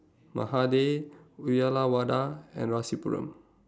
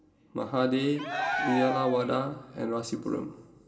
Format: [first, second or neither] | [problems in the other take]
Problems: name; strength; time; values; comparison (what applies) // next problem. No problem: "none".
first | background sound (Cheering); 3 dB below the speech // room echo; dies away in 2.6 s